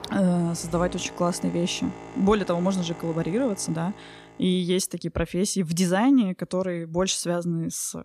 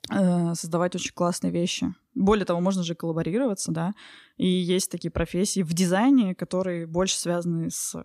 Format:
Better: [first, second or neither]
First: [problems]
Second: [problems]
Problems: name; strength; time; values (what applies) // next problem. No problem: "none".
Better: second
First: train or aircraft noise; noticeable; until 4 s; 15 dB below the speech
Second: none